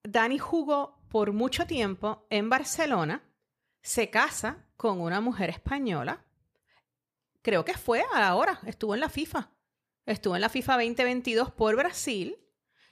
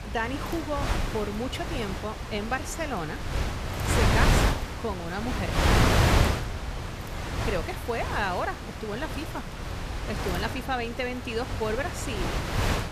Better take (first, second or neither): first